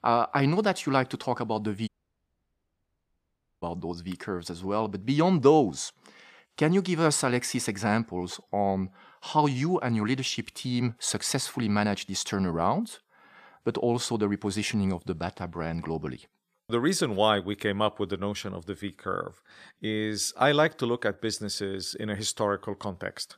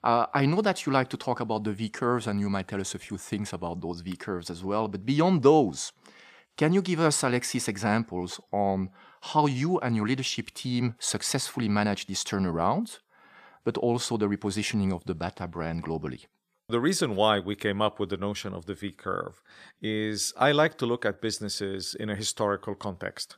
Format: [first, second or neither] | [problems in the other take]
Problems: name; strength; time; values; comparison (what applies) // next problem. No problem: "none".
second | audio cutting out; at 2 s for 1.5 s